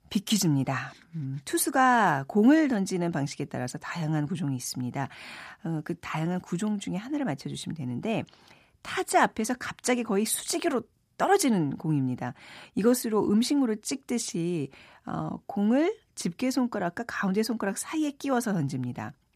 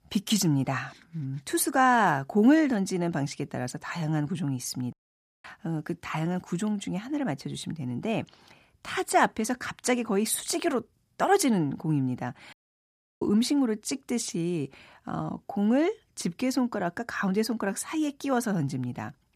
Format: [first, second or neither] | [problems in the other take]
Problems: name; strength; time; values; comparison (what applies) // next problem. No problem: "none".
first | audio cutting out; at 5 s for 0.5 s and at 13 s for 0.5 s